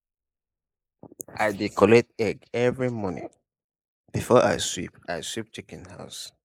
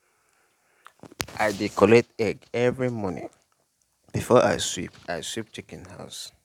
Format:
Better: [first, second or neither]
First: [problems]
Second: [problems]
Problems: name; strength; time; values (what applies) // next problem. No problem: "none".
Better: second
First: noise reduction (neural mask model Resemble Enhance denoiser)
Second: none